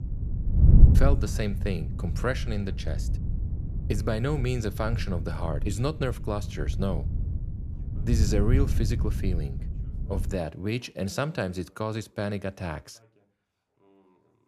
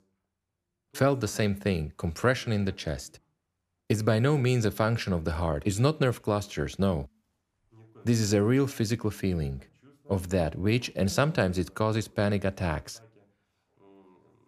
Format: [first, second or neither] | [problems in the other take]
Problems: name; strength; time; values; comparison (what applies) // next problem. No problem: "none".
second | wind noise on the microphone; heavy; until 10 s; 9 dB below the speech